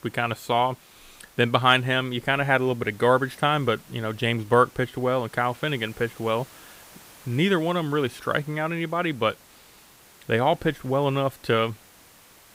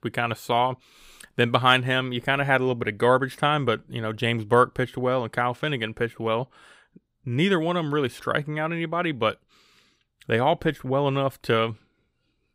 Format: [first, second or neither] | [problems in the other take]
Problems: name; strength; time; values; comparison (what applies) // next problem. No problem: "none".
second | hiss; faint; throughout; 25 dB below the speech